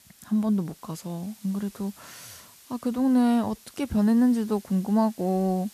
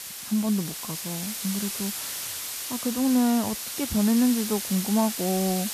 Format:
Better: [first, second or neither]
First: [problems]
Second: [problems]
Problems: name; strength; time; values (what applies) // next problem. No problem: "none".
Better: first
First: hiss; faint; throughout; 25 dB below the speech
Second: hiss; loud; throughout; 5 dB below the speech